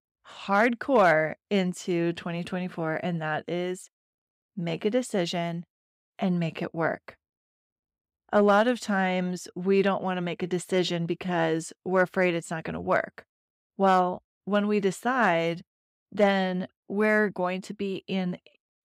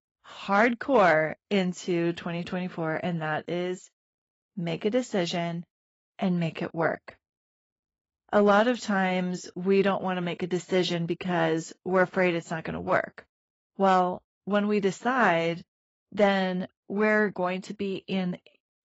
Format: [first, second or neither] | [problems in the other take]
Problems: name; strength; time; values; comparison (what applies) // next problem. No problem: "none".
first | garbled, watery; badly; nothing above 7.5 kHz